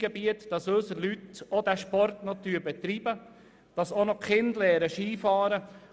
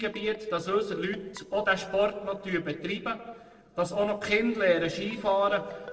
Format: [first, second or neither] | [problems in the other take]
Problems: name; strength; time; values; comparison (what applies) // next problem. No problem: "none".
first | noise reduction (neural separator model SepFormer DNS4)